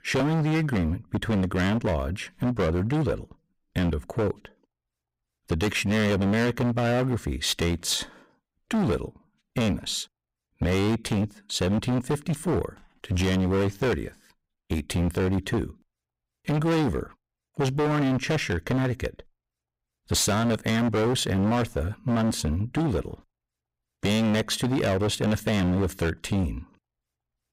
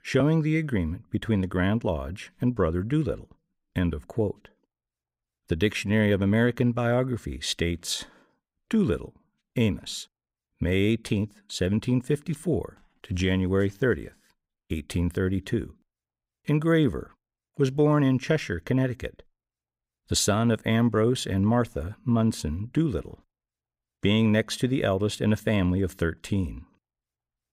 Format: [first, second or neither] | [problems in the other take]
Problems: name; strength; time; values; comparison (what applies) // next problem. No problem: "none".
second | distortion; heavy; 19% of the sound clipped